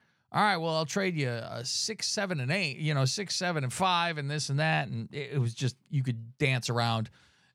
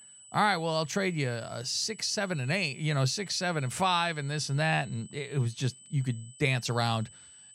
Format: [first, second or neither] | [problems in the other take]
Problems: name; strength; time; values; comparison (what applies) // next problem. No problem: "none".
first | high-pitched whine; noticeable; throughout; 8 kHz, 20 dB below the speech